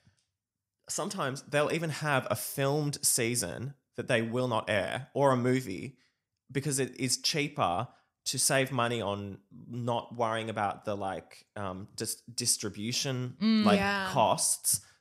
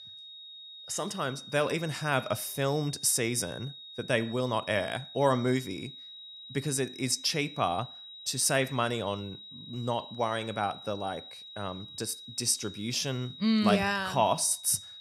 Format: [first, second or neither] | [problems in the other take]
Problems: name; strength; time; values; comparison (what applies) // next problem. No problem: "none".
first | high-pitched whine; noticeable; throughout; 4 kHz, 15 dB below the speech